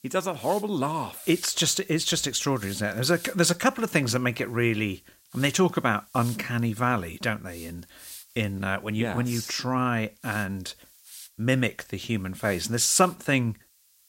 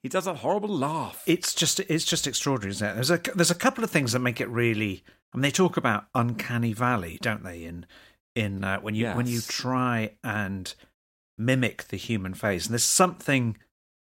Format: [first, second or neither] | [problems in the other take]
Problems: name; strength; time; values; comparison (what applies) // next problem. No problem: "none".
second | hiss; faint; throughout; 20 dB below the speech